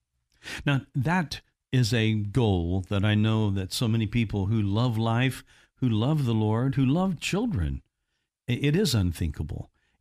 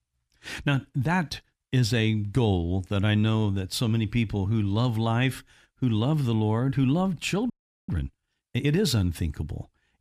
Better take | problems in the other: first | audio freezing; at 7.5 s

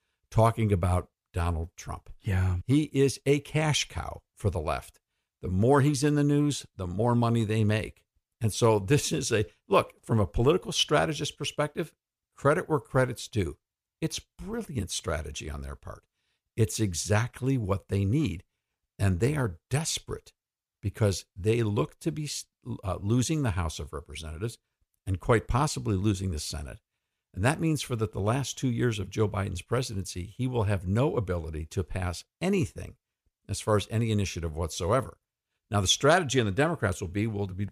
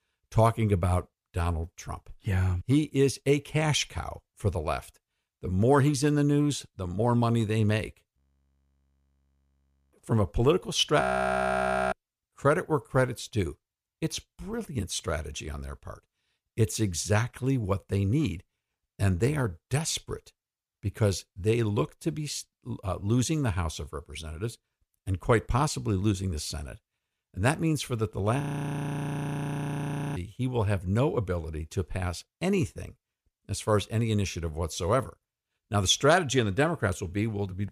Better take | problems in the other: first | audio freezing; at 8 s for 2 s, at 11 s for 1 s and at 28 s for 2 s

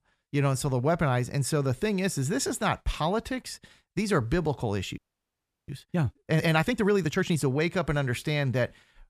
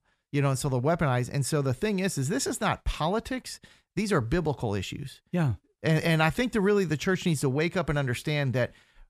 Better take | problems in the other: second | audio freezing; at 5 s for 0.5 s

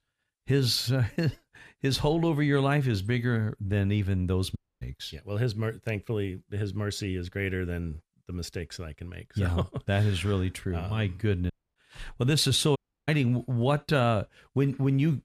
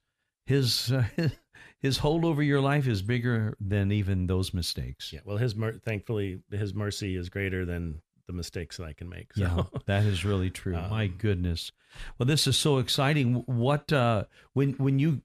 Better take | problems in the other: second | audio cutting out; at 4.5 s, at 12 s and at 13 s

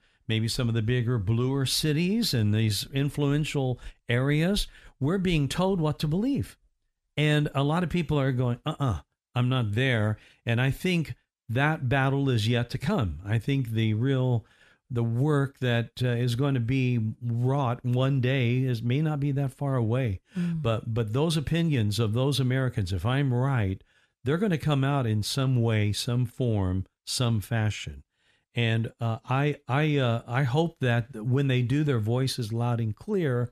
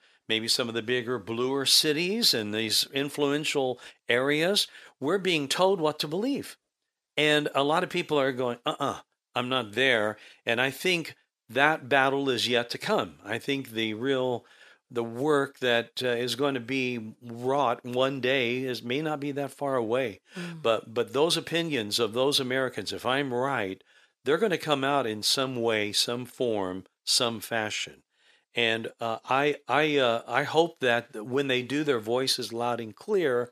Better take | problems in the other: first | thin; somewhat; fading below 450 Hz

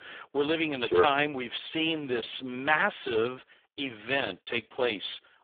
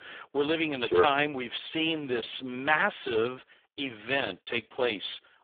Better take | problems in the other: neither | phone-call audio; poor line; the same in both

